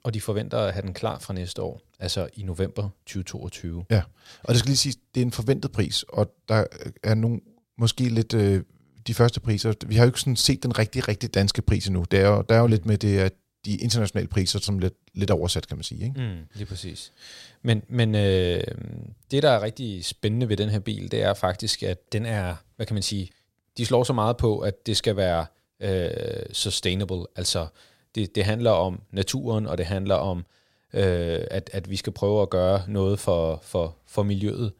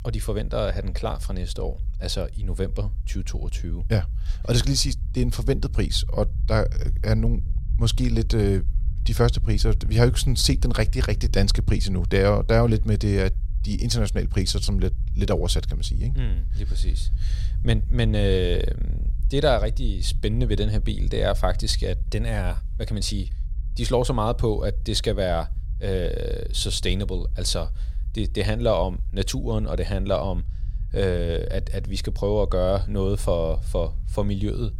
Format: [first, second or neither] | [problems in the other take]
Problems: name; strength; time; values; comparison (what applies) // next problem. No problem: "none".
first | low rumble; faint; throughout; 20 dB below the speech